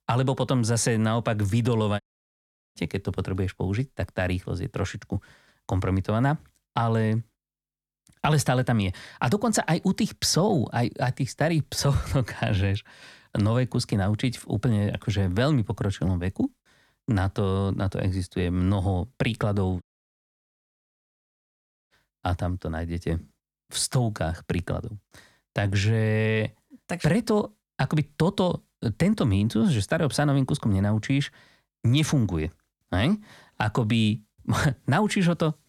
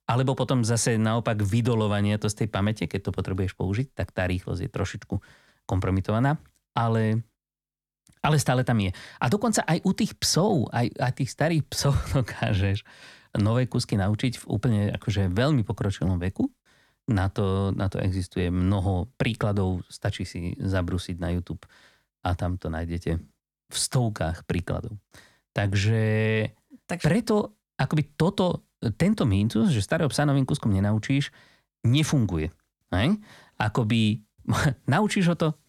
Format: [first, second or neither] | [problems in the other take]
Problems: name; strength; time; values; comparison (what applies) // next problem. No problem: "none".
second | audio cutting out; at 2 s for 1 s and at 20 s for 2 s